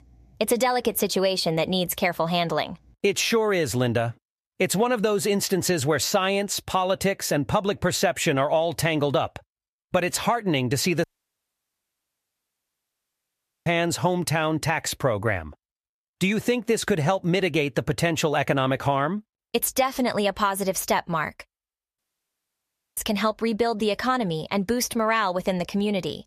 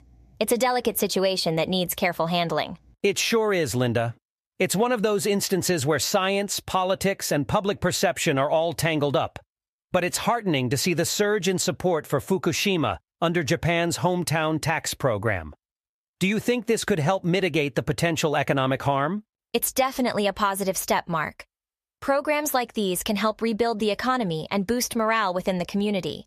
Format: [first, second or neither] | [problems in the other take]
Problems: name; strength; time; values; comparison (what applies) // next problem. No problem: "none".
second | audio cutting out; at 11 s for 2.5 s and at 22 s for 1 s